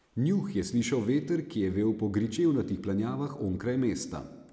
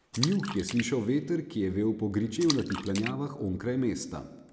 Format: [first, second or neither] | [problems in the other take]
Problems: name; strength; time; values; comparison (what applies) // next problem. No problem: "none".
first | background sound (Splash, splatter); 11 dB below the speech